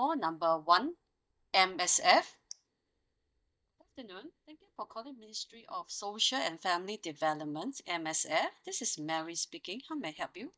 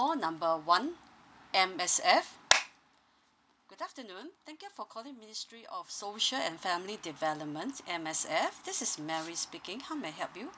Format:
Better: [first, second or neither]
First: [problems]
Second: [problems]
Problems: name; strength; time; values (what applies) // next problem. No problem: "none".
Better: second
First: noise reduction (neural mask model DeepFilterNet 3)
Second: none